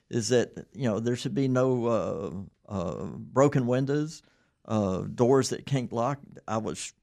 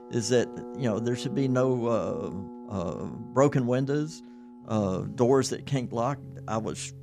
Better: first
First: none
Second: background music; noticeable; throughout; 15 dB below the speech

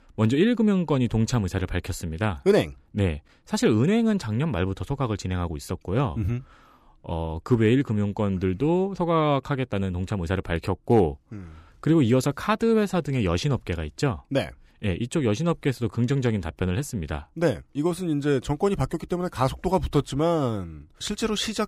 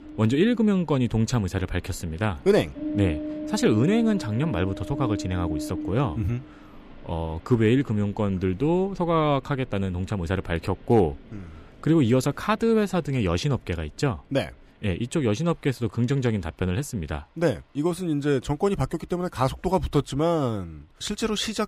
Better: first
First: none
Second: rain or running water; noticeable; throughout; 10 dB below the speech

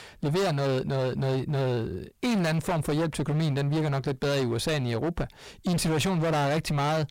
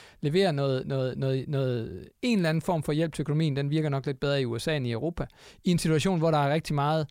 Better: second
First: distortion; heavy; 27% of the sound clipped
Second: none

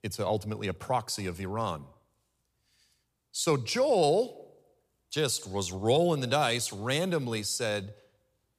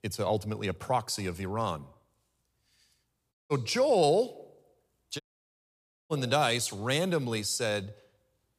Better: first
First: none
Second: audio cutting out; at 3.5 s and at 5 s for 1 s

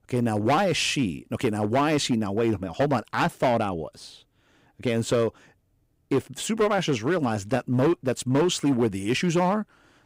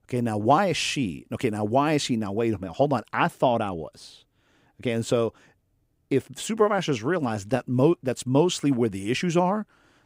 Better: second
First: distortion; slight; 6% of the sound clipped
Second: none

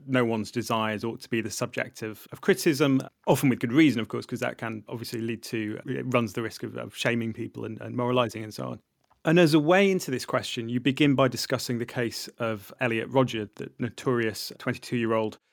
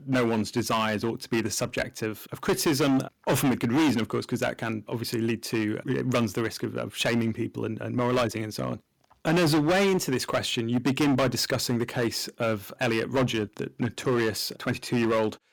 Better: first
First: none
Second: distortion; heavy; 11% of the sound clipped

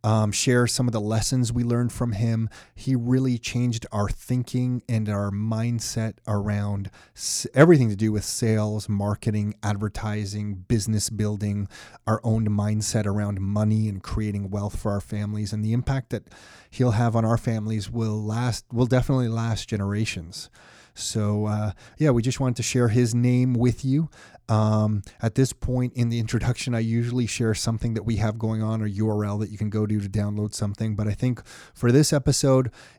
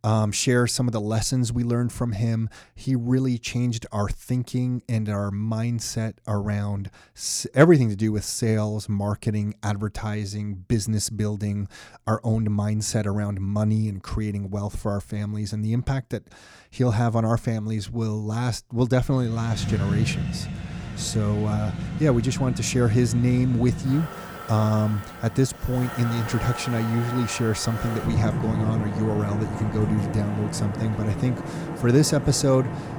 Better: first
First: none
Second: traffic noise; loud; from 19 s on; 7 dB below the speech

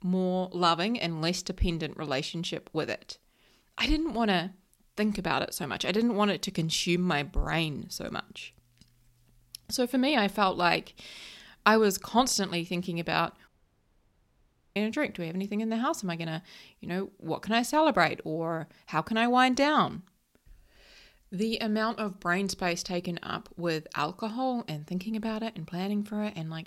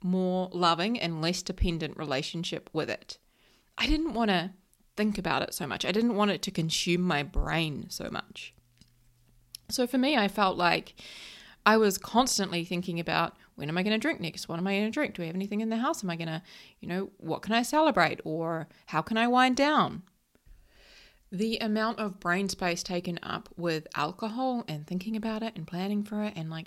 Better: second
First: audio cutting out; at 13 s for 1.5 s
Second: none

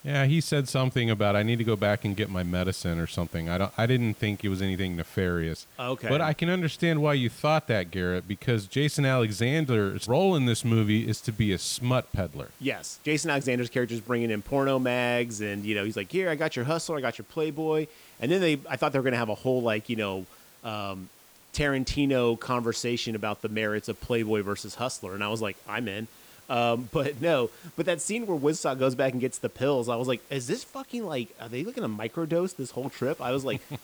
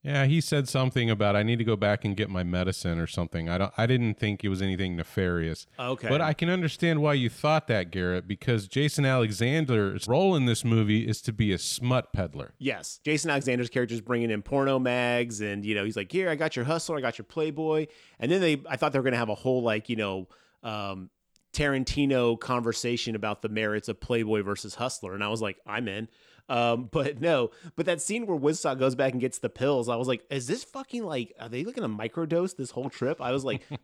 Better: second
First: hiss; faint; throughout; 25 dB below the speech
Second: none

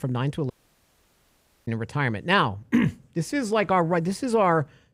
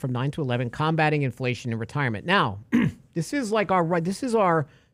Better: second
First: audio cutting out; at 0.5 s for 1 s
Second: none

